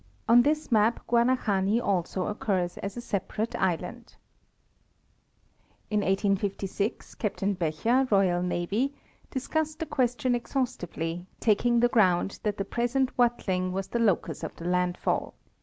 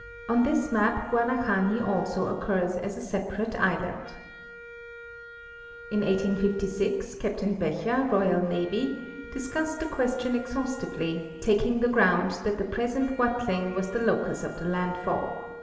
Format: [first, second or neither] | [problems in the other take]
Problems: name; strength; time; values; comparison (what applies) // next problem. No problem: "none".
first | background sound (Wind instrument, woodwind instrument); 17 dB below the speech // room echo; dies away in 1.4 s